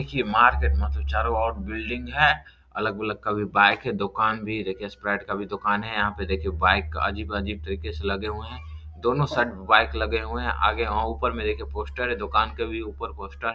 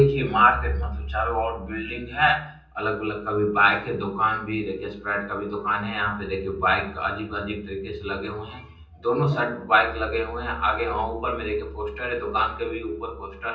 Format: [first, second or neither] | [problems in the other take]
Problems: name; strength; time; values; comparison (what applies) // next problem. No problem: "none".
first | room echo; dies away in 0.6 s